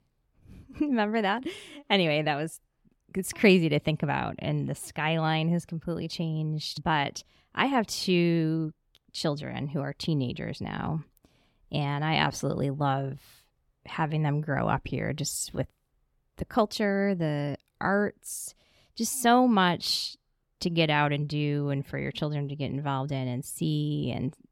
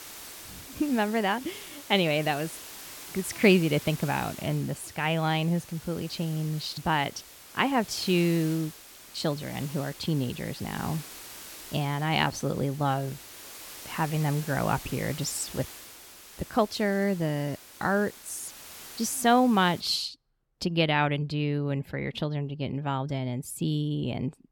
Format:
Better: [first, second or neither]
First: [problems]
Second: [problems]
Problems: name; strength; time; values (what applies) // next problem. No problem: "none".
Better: first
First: none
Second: hiss; noticeable; until 20 s; 15 dB below the speech